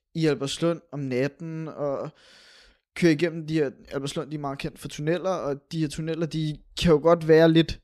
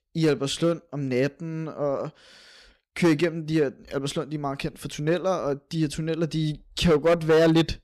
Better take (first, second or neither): first